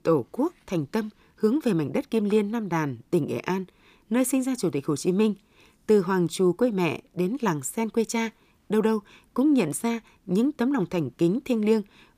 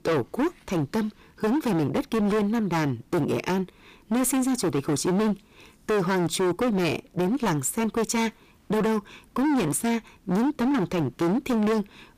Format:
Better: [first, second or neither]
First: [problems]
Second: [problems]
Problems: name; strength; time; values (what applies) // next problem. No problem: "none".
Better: first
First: none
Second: distortion; heavy; 24% of the sound clipped